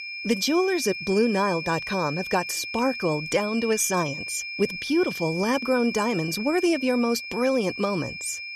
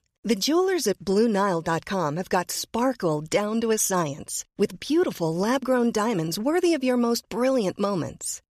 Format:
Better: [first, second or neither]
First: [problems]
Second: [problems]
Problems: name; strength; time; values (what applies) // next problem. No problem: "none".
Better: second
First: high-pitched whine; loud; throughout; 2.5 kHz, 7 dB below the speech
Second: none